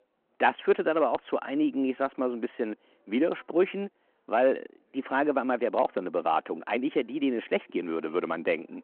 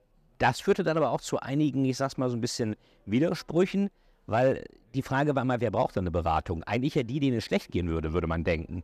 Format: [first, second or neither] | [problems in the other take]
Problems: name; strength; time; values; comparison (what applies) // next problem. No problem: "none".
second | phone-call audio